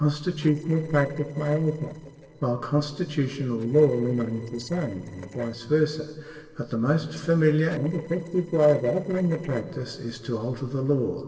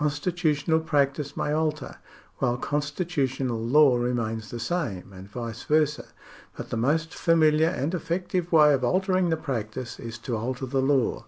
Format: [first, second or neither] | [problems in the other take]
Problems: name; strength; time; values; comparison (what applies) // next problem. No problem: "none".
second | noise reduction (neural separator model SepFormer DNS4)